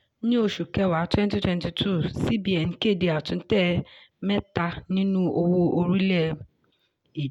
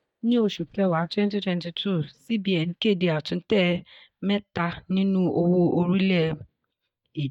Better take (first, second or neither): first